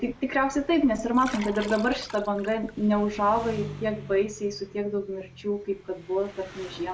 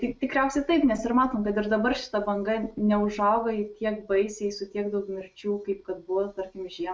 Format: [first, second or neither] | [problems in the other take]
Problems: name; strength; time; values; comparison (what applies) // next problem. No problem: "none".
second | background sound (Liquid + Engine); 16 dB below the speech